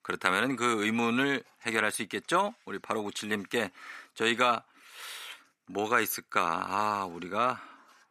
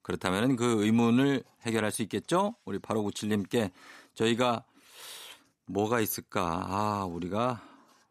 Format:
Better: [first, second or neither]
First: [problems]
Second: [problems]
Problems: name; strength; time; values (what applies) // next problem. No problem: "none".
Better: second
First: thin; somewhat; fading below 400 Hz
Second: none